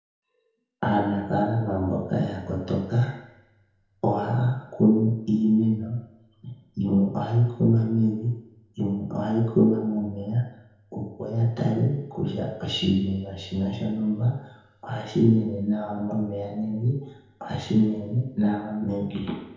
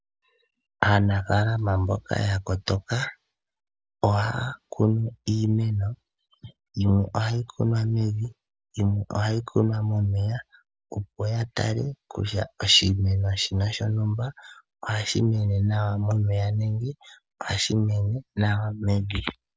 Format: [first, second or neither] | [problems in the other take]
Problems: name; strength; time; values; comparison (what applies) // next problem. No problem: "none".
second | room echo; dies away in 1 s